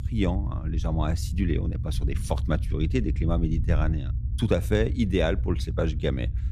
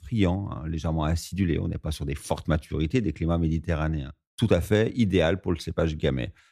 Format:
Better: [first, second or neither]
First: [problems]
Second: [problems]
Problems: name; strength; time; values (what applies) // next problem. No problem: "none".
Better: second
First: low rumble; noticeable; throughout; 15 dB below the speech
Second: none